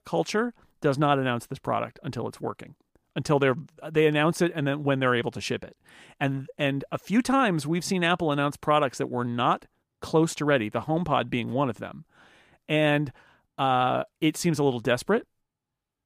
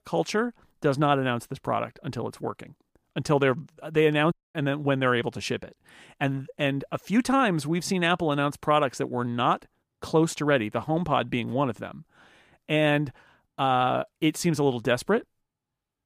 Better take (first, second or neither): first